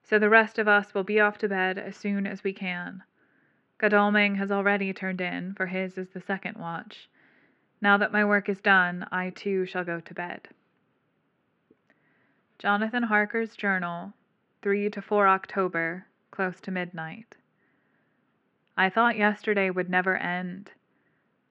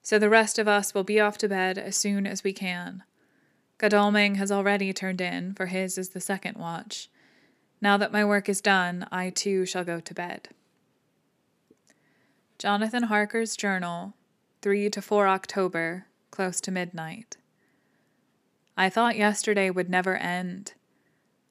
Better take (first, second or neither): second